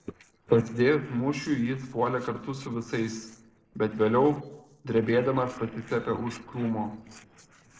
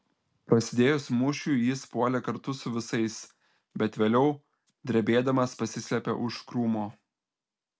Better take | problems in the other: second | noise reduction (neural separator model SepFormer DNS4)

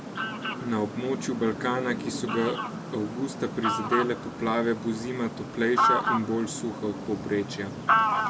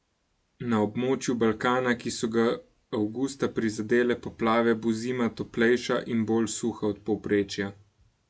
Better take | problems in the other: second | background sound (Fowl); as loud as the speech

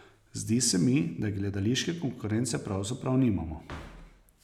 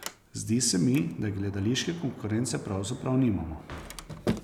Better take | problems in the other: first | background sound (Sliding door); 11 dB below the speech

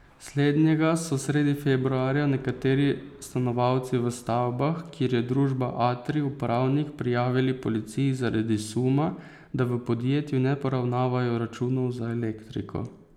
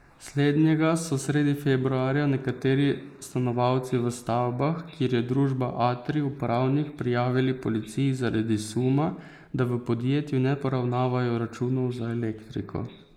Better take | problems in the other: first | noise reduction (neural mask model Resemble Enhance denoiser)

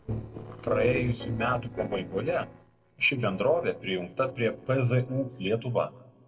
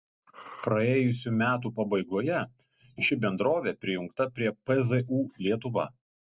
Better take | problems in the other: second | noise reduction (neural separator model SepFormer DNS4)

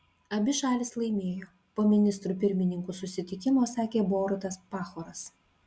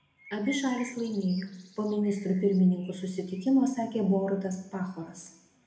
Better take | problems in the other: first | background sound (Bird); 20 dB below the speech // room echo; dies away in 0.8 s

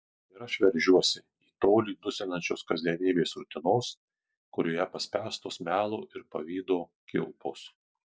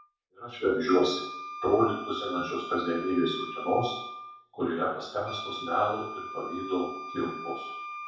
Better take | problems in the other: first | background sound (Wind instrument, woodwind instrument); 10 dB below the speech // room echo; dies away in 0.7 s

